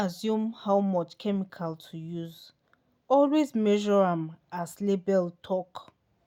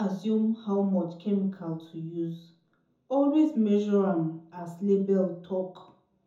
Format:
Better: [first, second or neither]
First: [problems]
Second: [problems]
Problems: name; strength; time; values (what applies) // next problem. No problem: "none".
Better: first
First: none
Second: room echo; dies away in 0.5 s